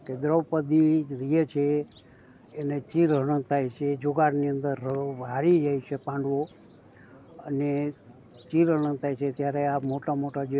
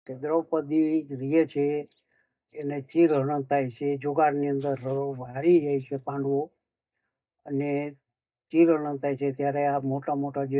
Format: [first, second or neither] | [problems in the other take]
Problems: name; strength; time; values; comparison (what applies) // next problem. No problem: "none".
first | noise reduction (neural mask model DeepFilterNet 3)